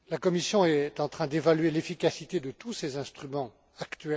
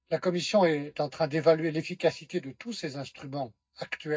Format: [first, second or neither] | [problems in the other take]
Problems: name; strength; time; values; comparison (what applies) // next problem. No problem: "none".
first | noise reduction (neural mask model DeepFilterNet 3)